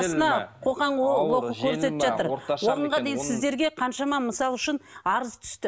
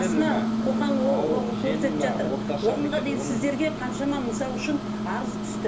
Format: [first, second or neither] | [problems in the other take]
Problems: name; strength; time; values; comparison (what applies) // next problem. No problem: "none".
first | background sound (Microwave oven); 2 dB below the speech // room echo; dies away in 0.3 s